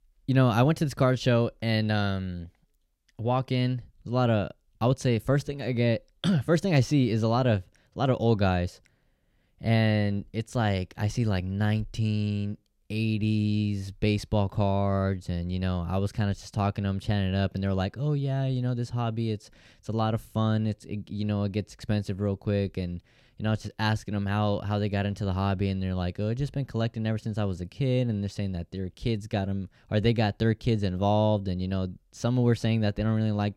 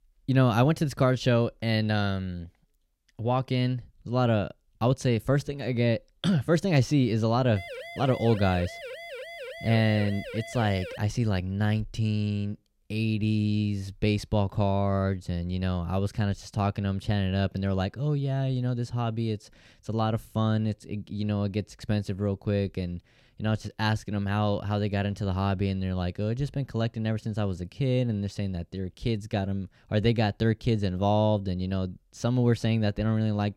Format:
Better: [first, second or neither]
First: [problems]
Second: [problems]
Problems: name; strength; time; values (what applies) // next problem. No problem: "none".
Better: first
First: none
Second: siren; faint; from 7.5 to 11 s; peak 10 dB below the speech